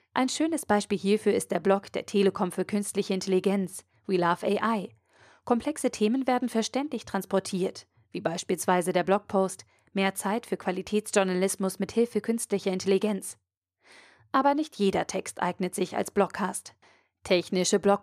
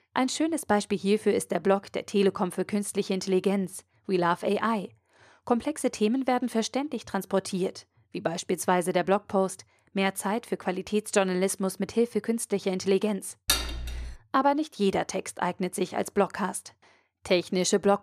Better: first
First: none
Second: clattering dishes; loud; at 13 s; peak 1 dB above the speech

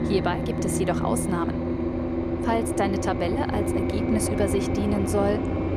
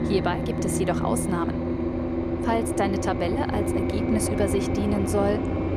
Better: neither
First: low rumble; loud; throughout; 2 dB below the speech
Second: low rumble; loud; throughout; 2 dB below the speech

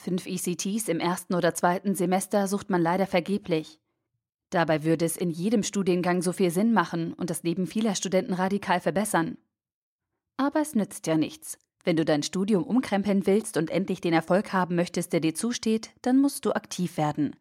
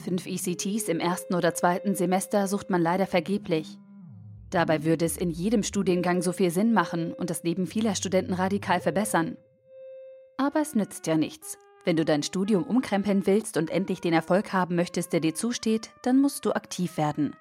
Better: first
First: none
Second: background music; noticeable; throughout; 20 dB below the speech

